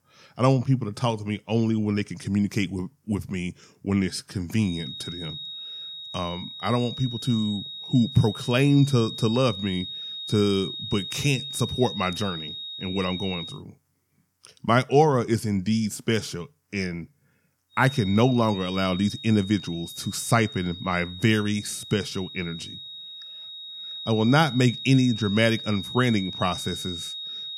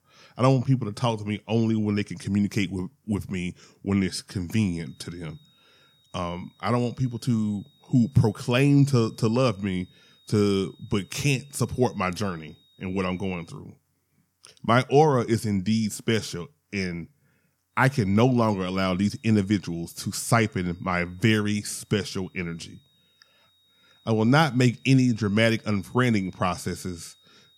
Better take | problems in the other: second | high-pitched whine; loud; from 4.5 to 14 s and from 18 s on; 4 kHz, 10 dB below the speech; faint in the second

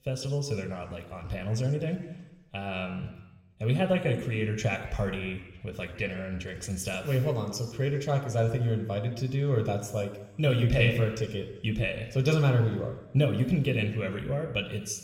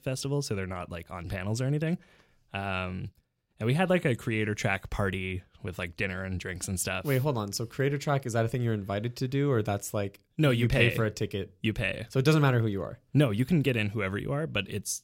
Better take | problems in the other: second | room echo; slight; dies away in 1 s

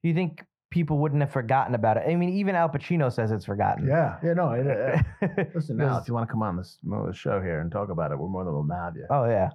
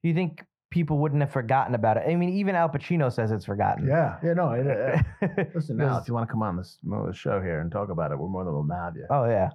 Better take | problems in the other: neither | muffled; very; fading above 3 kHz; the same in both

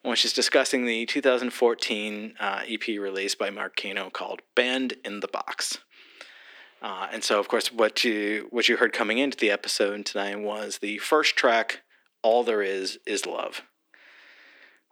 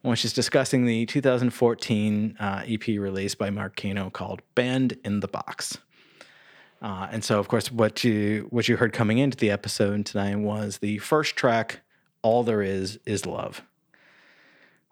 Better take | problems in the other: second | thin; somewhat; fading below 300 Hz

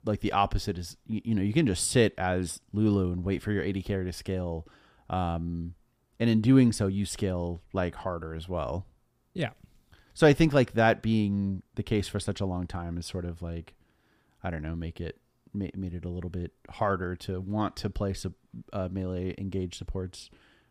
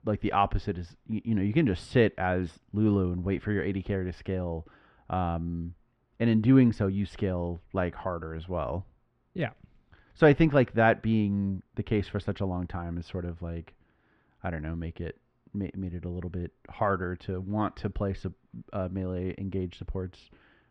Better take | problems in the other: first | muffled; slightly; fading above 2 kHz

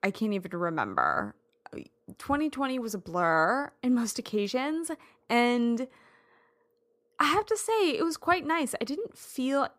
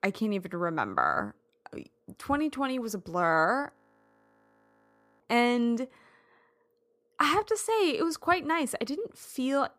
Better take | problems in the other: first | audio freezing; at 4 s for 1.5 s

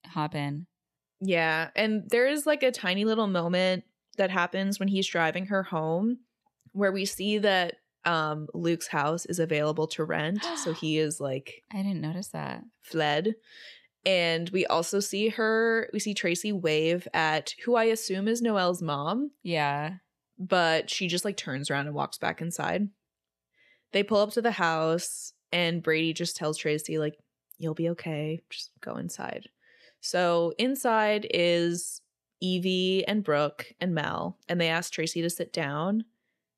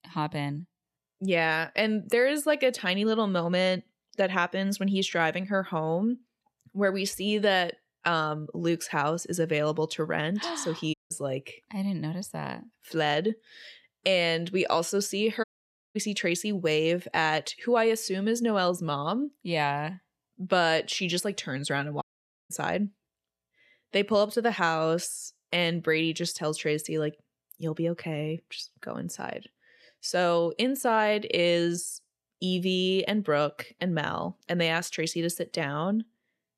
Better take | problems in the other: first | audio cutting out; at 11 s, at 15 s for 0.5 s and at 22 s

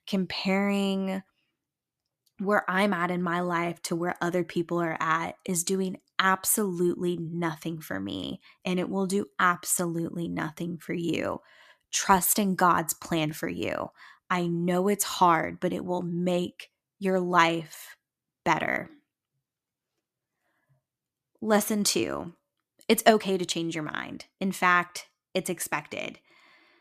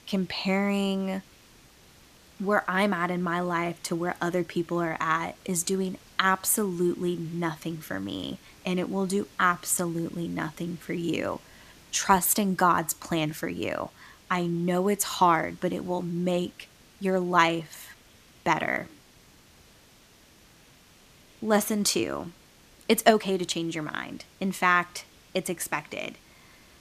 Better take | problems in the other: first | hiss; faint; throughout; 25 dB below the speech

